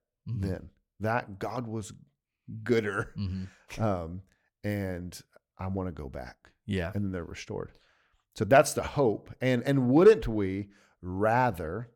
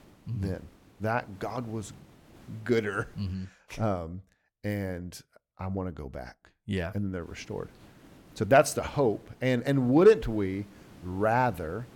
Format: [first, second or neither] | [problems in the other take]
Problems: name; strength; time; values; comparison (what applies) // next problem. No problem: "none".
first | hiss; faint; until 3.5 s and from 7 s on; 25 dB below the speech